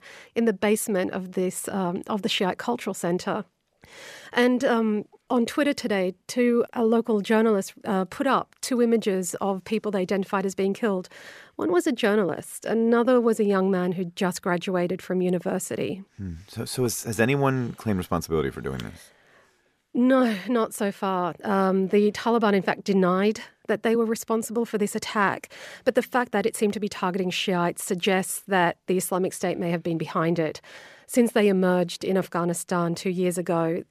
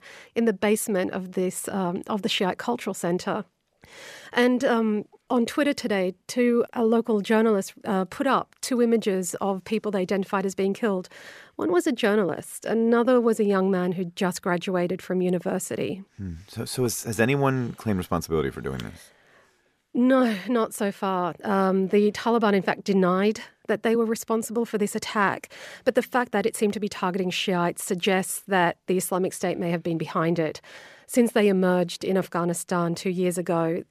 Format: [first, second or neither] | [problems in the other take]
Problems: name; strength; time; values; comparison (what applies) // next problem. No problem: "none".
neither | none